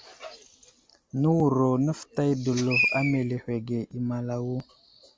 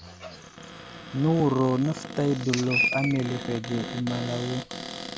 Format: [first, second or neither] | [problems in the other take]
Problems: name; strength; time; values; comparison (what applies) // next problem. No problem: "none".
first | background sound (Cupboard open or close + Finger snapping); 11 dB below the speech